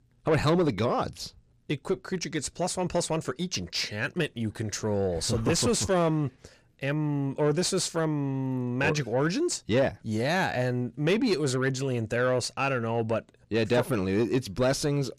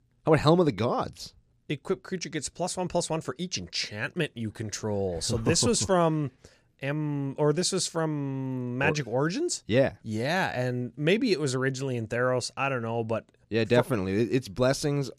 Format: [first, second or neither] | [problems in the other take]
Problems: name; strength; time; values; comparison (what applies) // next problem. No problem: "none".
second | distortion; slight; 10 dB below the speech